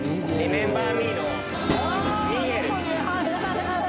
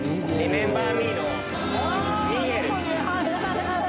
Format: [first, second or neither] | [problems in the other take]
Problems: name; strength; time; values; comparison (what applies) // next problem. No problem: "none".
second | background sound (Train); 11 dB below the speech